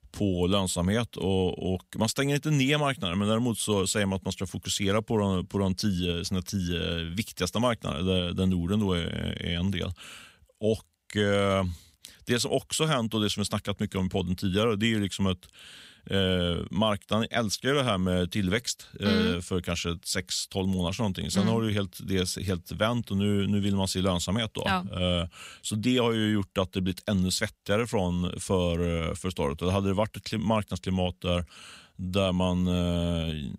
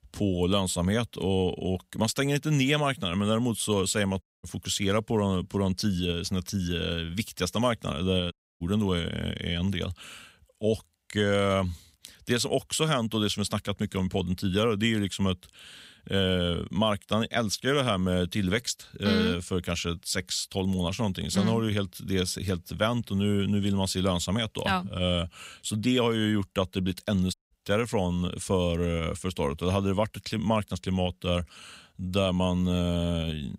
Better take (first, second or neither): first